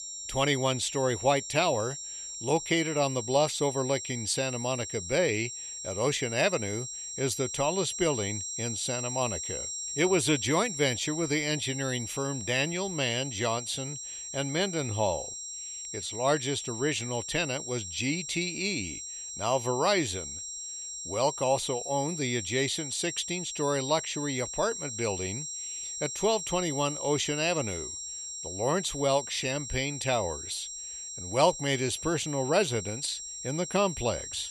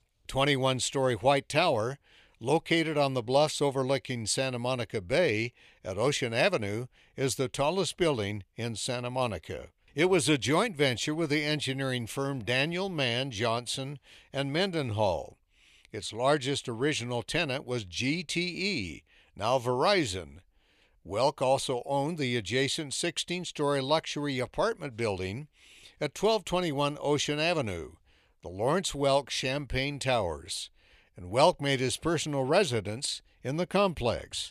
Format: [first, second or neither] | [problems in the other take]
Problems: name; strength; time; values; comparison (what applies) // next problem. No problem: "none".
second | high-pitched whine; loud; throughout; 7.5 kHz, 6 dB below the speech